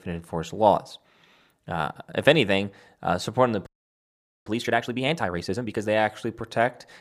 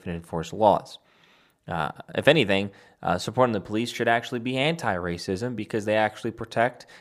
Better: second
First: audio freezing; at 3.5 s for 1 s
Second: none

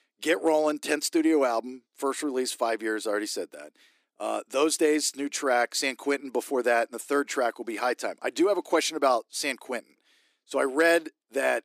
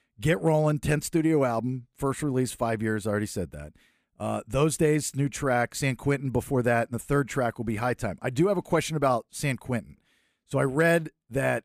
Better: second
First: thin; somewhat; fading below 300 Hz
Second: none

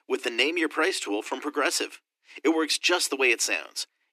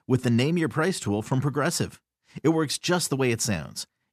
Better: second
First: thin; very; fading below 300 Hz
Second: none

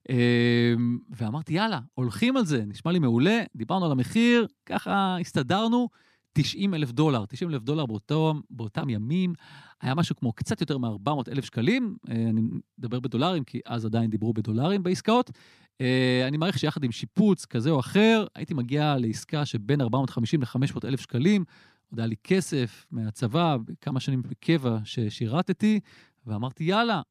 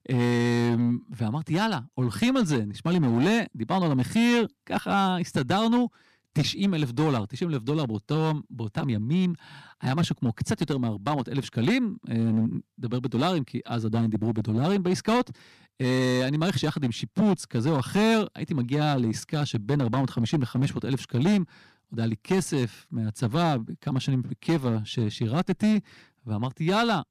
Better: first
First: none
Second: distortion; slight; 7% of the sound clipped

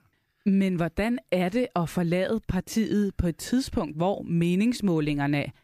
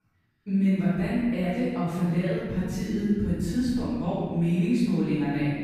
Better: first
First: none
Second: off-mic speech; far // room echo; strong; dies away in 1.6 s

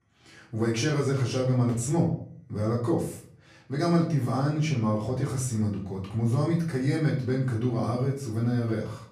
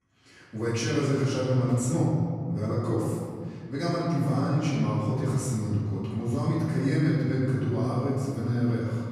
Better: first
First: room echo; slight; dies away in 0.5 s // off-mic speech; far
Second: room echo; strong; dies away in 2 s // off-mic speech; far

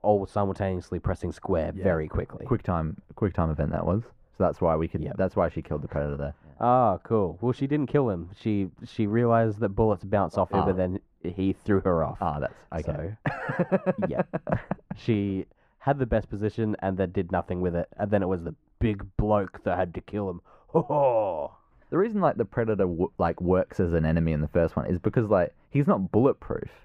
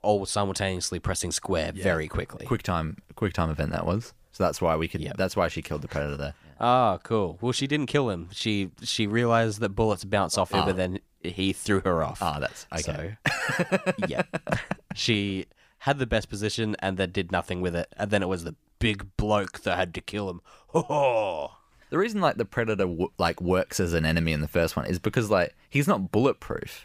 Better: second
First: muffled; very; fading above 2.5 kHz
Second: none

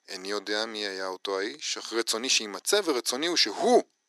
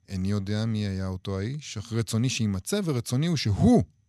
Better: second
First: thin; very; fading below 300 Hz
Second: none

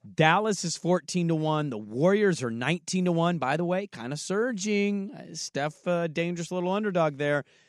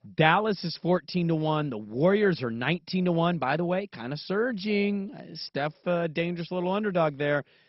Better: first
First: none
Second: garbled, watery; badly; nothing above 5.5 kHz

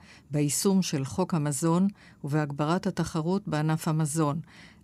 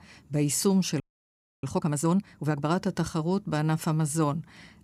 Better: first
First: none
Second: audio freezing; at 1 s for 0.5 s

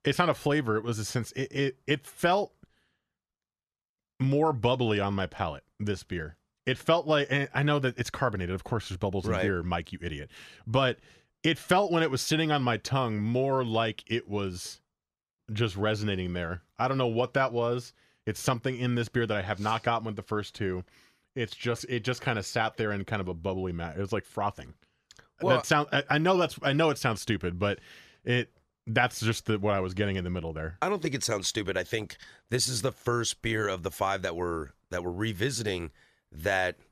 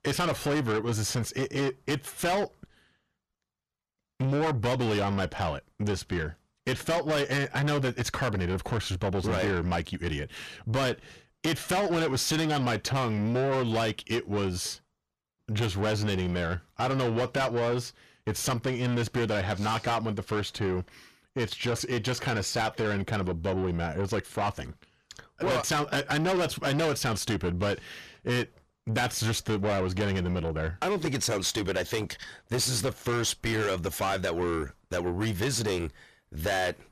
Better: first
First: none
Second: distortion; heavy; 6 dB below the speech

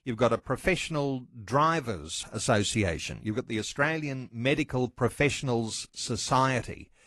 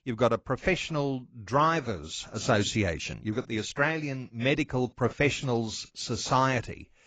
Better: first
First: garbled, watery; slightly; nothing above 11 kHz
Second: garbled, watery; badly; nothing above 7.5 kHz

